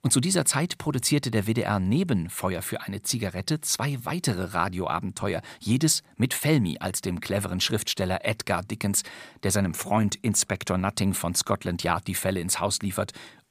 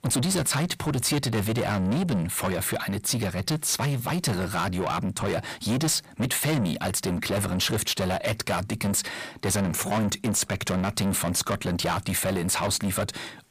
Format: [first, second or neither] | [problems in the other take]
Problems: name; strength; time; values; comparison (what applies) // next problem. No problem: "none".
first | distortion; heavy; 6 dB below the speech